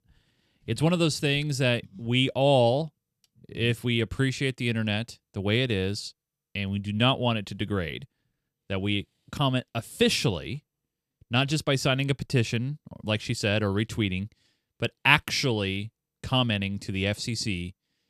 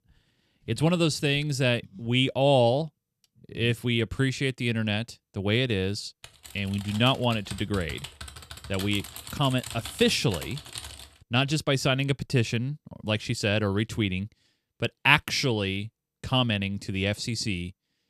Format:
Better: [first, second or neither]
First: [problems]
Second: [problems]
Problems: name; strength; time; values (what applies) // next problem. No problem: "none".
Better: first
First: none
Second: keyboard typing; faint; from 6 to 11 s; peak 10 dB below the speech